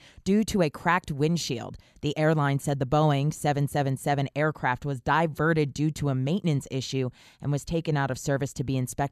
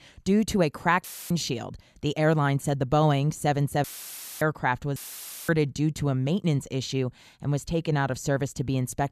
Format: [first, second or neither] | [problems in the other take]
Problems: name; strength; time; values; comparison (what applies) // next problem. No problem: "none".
first | audio cutting out; filled with static; at 1 s, at 4 s for 0.5 s and at 5 s for 0.5 s